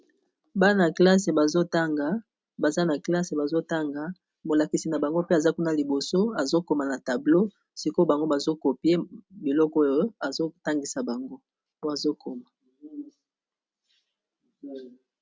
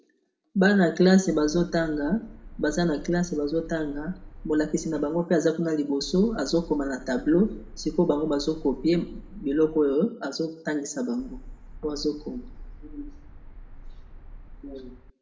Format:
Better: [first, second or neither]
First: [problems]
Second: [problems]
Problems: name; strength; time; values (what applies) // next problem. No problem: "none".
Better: first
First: none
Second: background sound (Car); 16 dB below the speech // room echo; dies away in 0.5 s